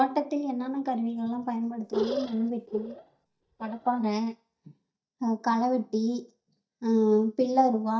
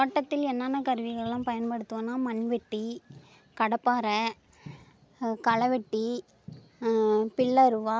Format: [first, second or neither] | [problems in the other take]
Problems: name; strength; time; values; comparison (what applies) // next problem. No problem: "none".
second | noise reduction (neural mask model DeepFilterNet 3)